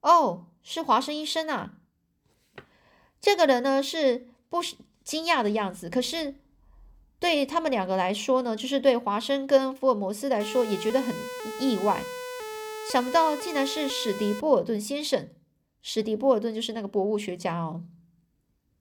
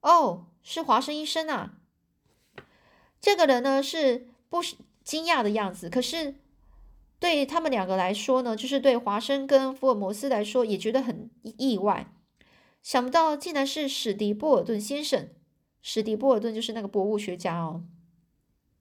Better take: second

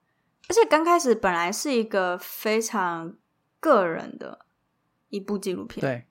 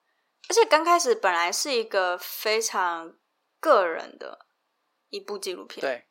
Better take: first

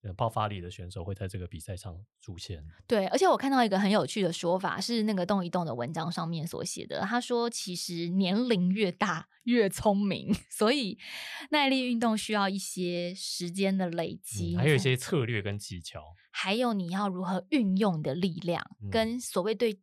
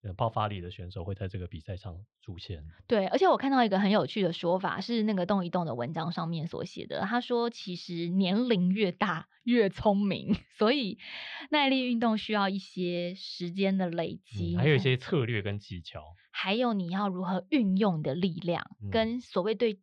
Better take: first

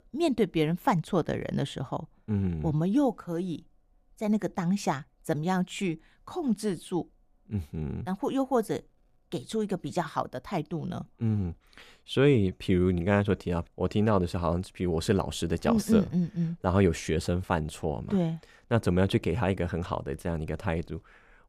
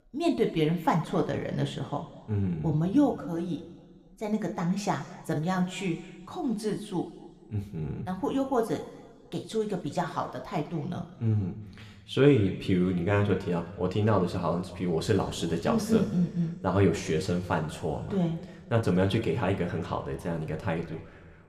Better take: first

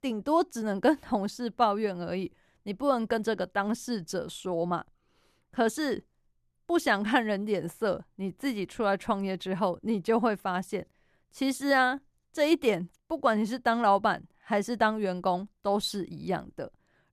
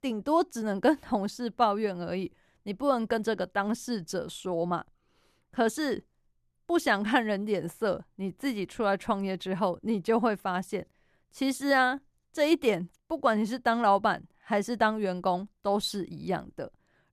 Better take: neither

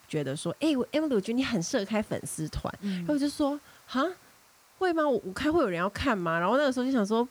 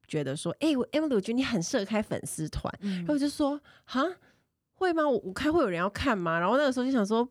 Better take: second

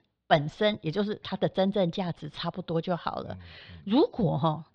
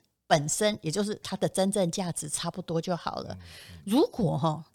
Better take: second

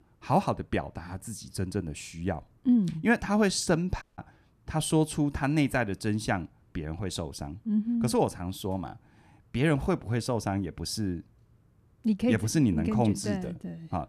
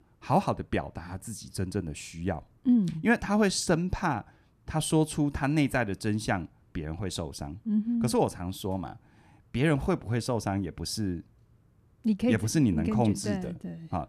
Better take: second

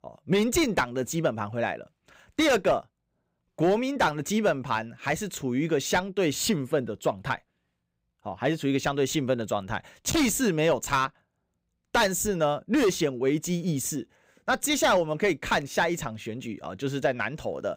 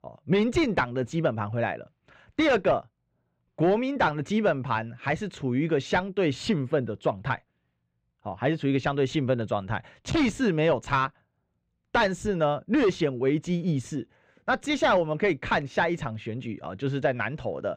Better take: first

